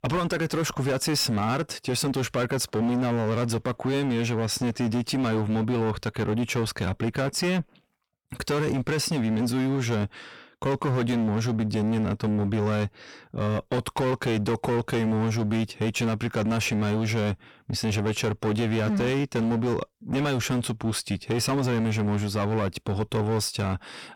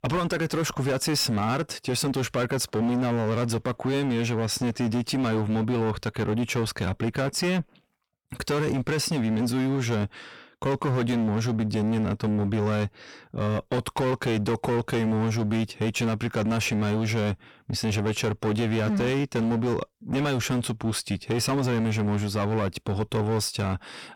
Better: neither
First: distortion; slight; 24% of the sound clipped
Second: distortion; slight; 24% of the sound clipped

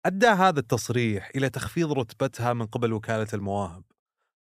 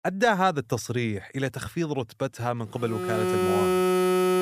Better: first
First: none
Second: alarms or sirens; very loud; from 3 s on; 4 dB above the speech

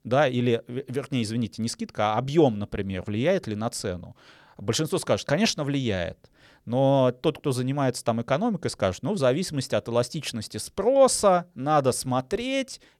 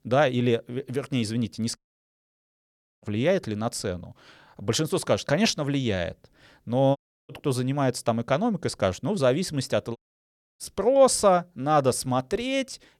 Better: first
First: none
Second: audio cutting out; at 2 s for 1 s, at 7 s and at 10 s for 0.5 s

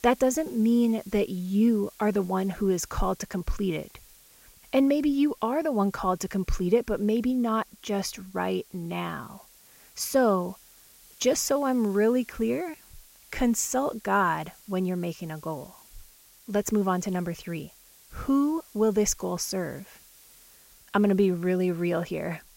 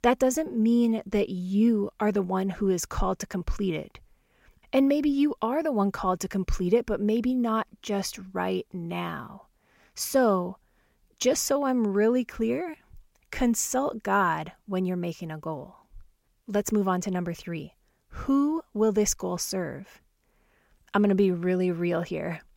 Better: second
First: hiss; faint; throughout; 25 dB below the speech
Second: none

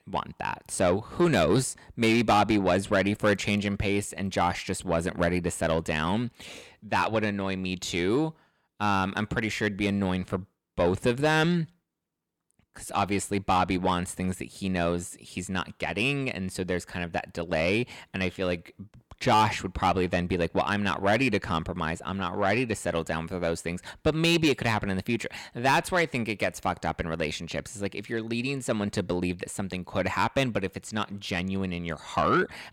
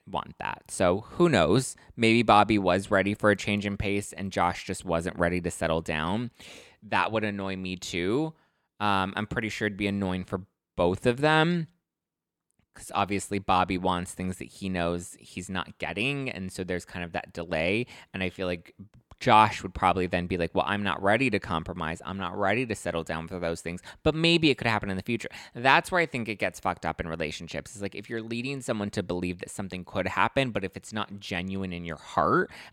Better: second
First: distortion; slight; 10 dB below the speech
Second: none

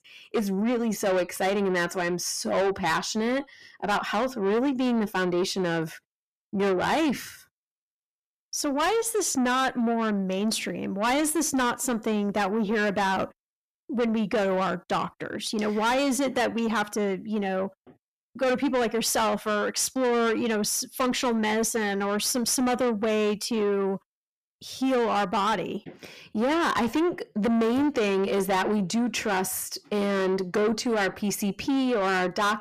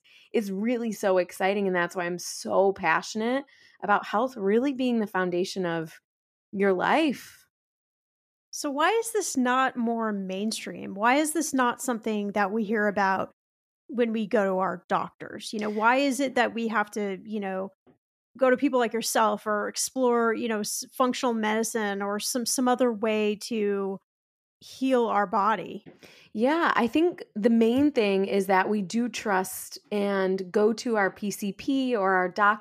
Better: second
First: distortion; heavy; 7 dB below the speech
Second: none

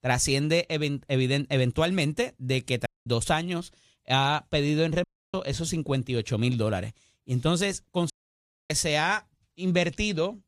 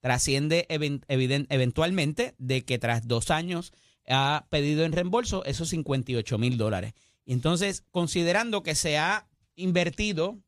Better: second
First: audio cutting out; at 3 s, at 5 s and at 8 s for 0.5 s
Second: none

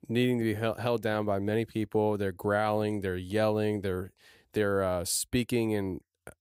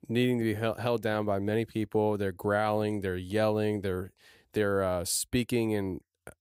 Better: neither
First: none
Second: none

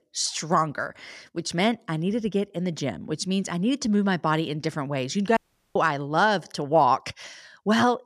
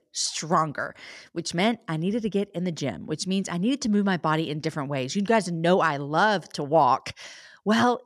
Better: second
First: audio cutting out; at 5.5 s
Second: none

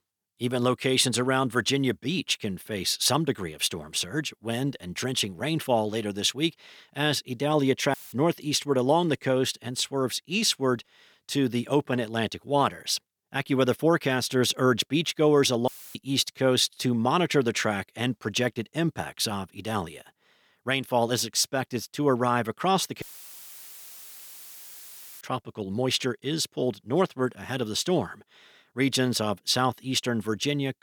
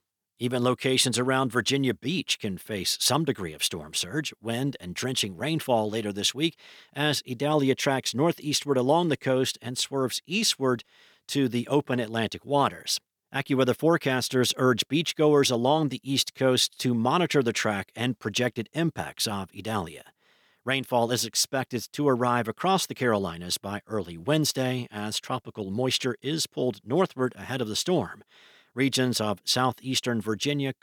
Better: second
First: audio cutting out; filled with static; at 8 s, at 16 s and at 23 s for 2 s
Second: none

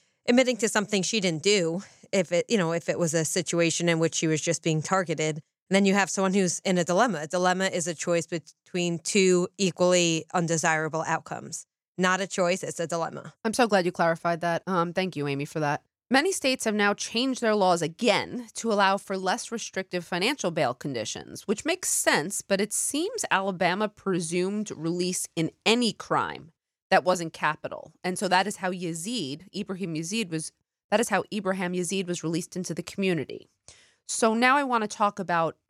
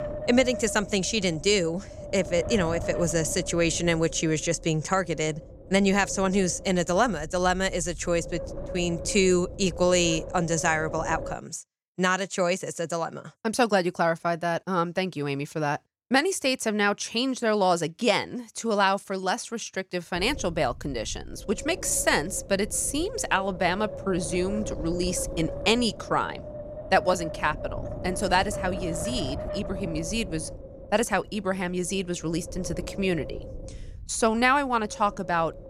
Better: first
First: none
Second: wind noise on the microphone; occasional gusts; until 11 s and from 20 s on; 10 dB below the speech

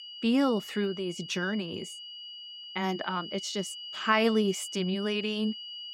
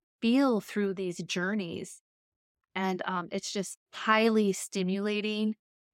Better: second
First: high-pitched whine; noticeable; throughout; 3 kHz, 10 dB below the speech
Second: none

